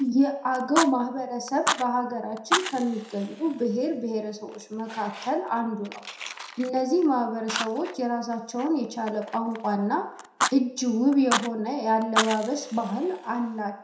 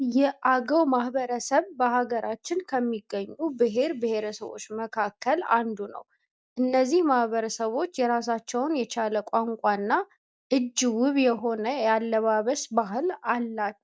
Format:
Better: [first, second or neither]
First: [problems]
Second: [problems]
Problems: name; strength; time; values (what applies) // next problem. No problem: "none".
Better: second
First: background sound (Fire); 8 dB below the speech // room echo; dies away in 0.5 s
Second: none